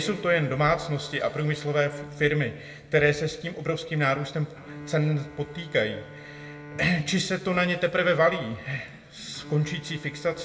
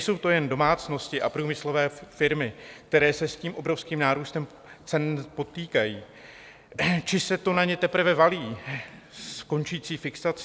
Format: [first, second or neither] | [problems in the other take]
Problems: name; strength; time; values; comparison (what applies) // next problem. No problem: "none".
second | background sound (Bowed string instrument); 18 dB below the speech // room echo; dies away in 1.1 s